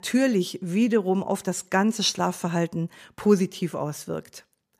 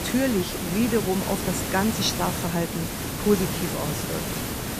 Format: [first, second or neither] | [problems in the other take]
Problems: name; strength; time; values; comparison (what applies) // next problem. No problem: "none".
first | hiss; loud; throughout; 2 dB below the speech